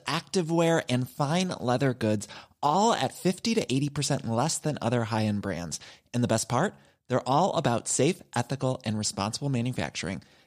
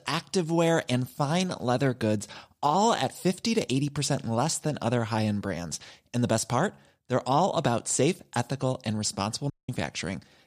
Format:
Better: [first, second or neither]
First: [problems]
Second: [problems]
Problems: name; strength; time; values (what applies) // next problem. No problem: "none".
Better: first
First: none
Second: audio cutting out; at 9.5 s